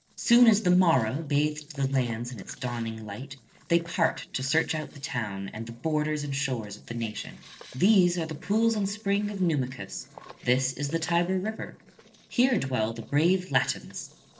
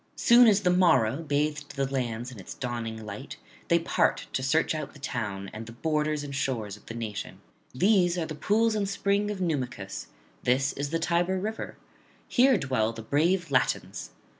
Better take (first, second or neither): second